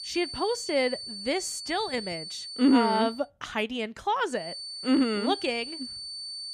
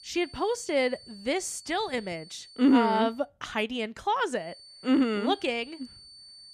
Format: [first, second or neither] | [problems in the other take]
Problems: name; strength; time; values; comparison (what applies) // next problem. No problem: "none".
second | high-pitched whine; loud; until 3 s and from 4.5 s on; 4.5 kHz, 8 dB below the speech; faint in the second